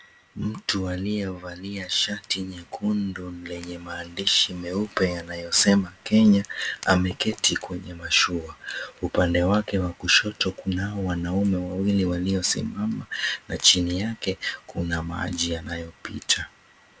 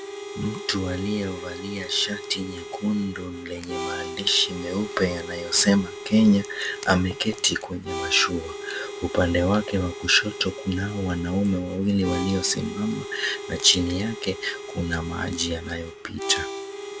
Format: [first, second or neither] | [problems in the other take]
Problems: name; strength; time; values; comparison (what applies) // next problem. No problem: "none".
first | background sound (Harmonica); 10 dB below the speech